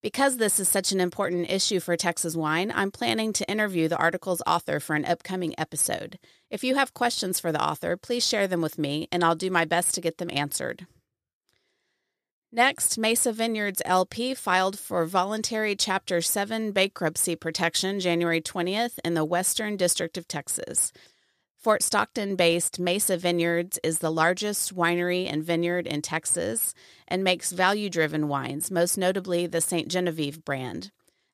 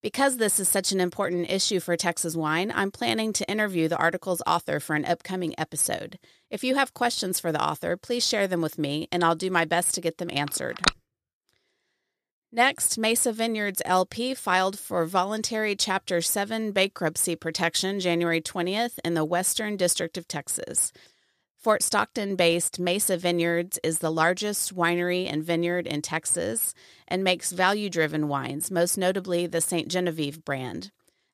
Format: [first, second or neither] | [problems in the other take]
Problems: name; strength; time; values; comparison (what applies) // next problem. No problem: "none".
first | phone ringing; loud; at 10 s; peak level with the speech